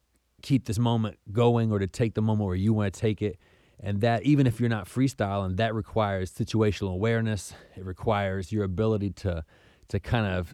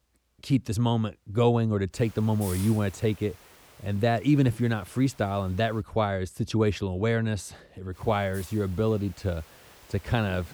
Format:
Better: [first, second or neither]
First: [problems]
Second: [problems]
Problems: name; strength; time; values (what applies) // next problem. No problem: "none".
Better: first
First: none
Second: hiss; faint; from 2 to 6 s and from 8 s on; 20 dB below the speech